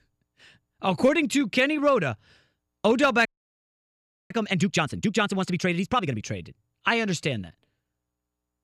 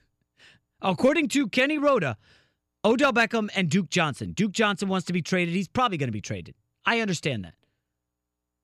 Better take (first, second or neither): second